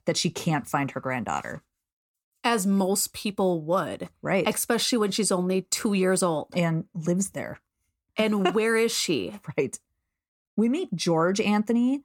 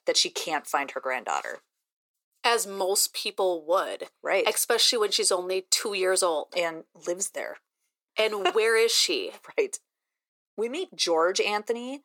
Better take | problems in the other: first | thin; very; fading below 400 Hz

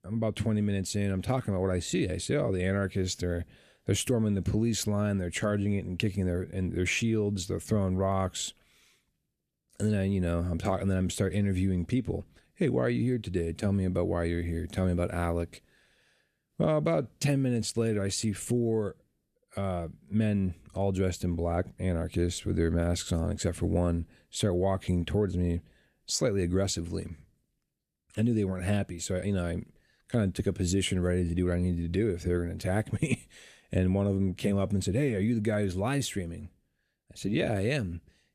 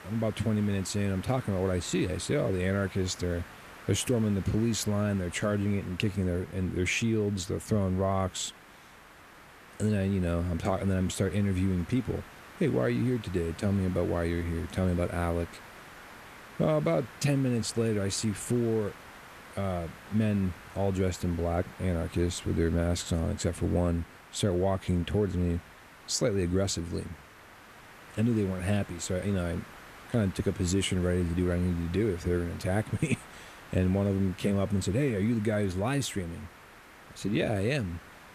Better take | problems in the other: first | hiss; noticeable; throughout; 20 dB below the speech

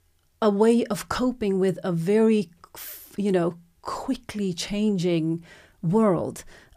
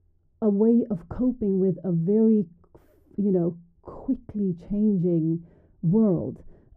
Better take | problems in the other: first | muffled; very; fading above 1 kHz

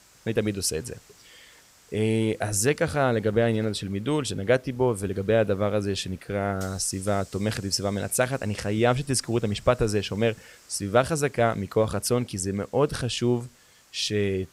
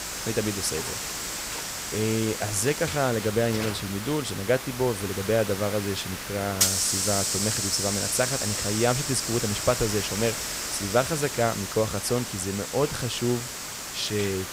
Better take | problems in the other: first | hiss; loud; throughout; 1 dB below the speech; faint in the first

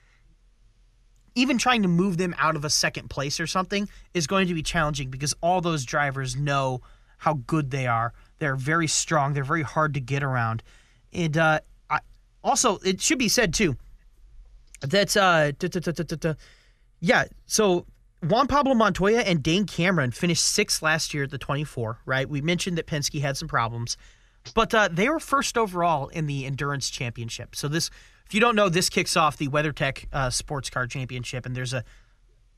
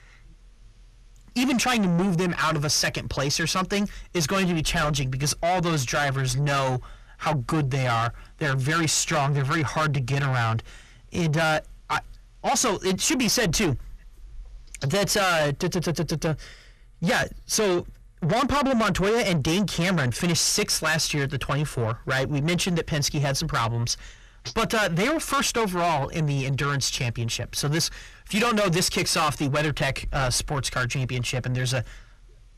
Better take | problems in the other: first | distortion; heavy; 6 dB below the speech

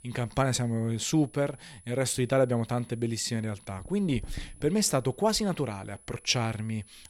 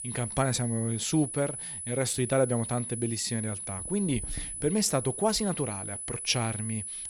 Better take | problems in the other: first | high-pitched whine; loud; throughout; 10 kHz, 5 dB below the speech; faint in the first

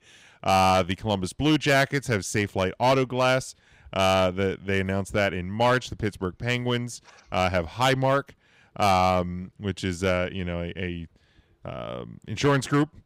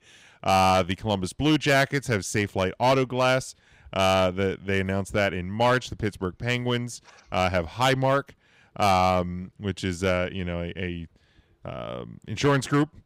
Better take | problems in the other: neither | distortion; slight; 4% of the sound clipped; the same in both

